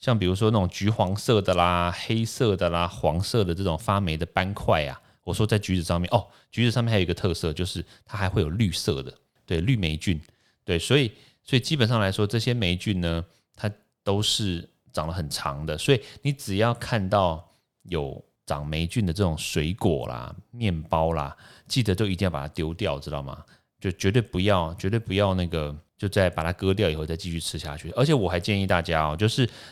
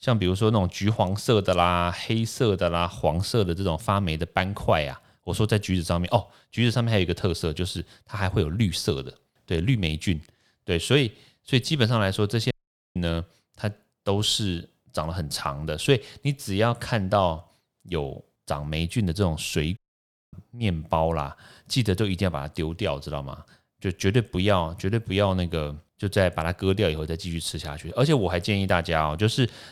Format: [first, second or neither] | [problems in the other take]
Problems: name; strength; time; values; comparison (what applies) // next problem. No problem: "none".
first | audio cutting out; at 13 s and at 20 s for 0.5 s